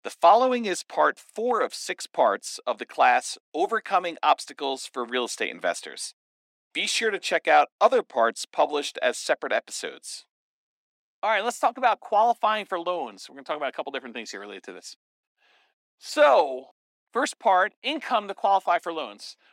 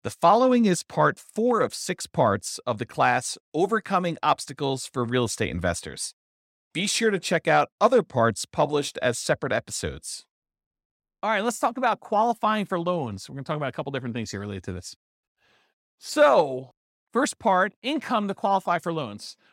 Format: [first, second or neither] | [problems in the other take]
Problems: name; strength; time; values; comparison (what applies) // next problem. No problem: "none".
second | thin; somewhat; fading below 250 Hz